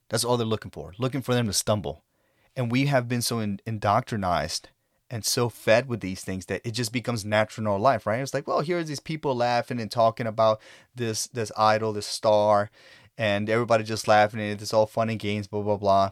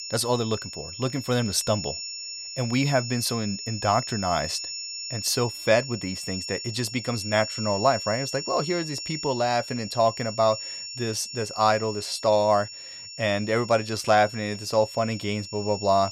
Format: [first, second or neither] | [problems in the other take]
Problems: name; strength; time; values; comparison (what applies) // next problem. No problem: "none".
first | high-pitched whine; loud; throughout; 5.5 kHz, 8 dB below the speech